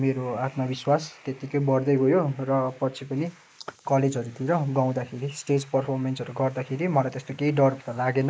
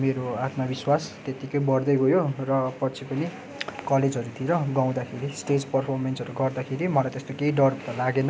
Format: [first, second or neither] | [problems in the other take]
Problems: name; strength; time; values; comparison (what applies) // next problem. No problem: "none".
second | noise reduction (neural mask model Resemble Enhance denoiser)